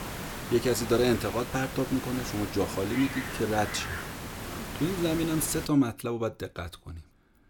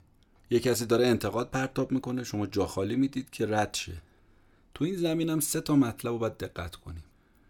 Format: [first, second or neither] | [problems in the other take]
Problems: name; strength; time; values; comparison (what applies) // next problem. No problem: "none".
second | hiss; loud; until 5.5 s; 7 dB below the speech